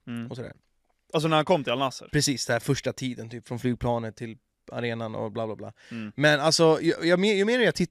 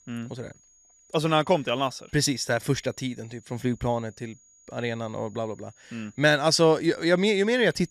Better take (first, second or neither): first